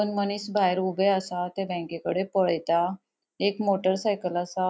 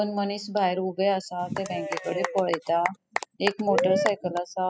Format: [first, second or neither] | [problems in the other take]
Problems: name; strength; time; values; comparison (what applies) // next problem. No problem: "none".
first | noise reduction (classical method spectral subtraction)